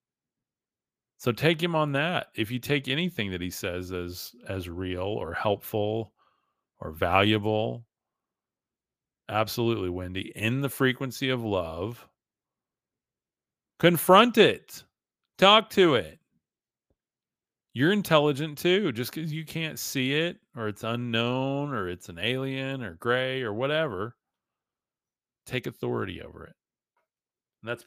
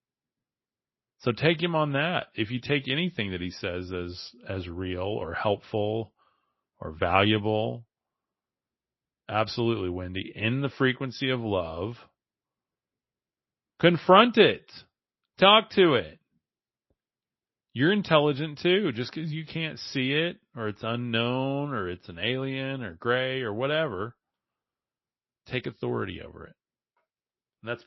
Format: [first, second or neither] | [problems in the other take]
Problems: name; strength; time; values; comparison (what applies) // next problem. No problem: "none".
first | garbled, watery; slightly; nothing above 5.5 kHz